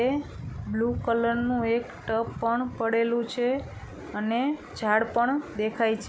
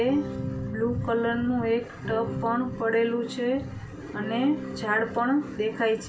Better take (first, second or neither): first